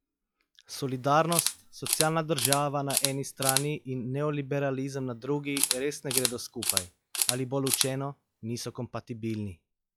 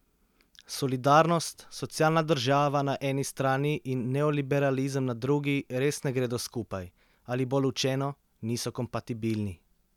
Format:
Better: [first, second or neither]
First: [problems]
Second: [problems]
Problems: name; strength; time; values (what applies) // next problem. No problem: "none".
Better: second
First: noise reduction (classical method log-MMSE)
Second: none